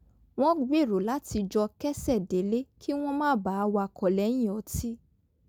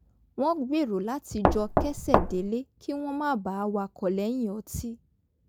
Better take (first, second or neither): first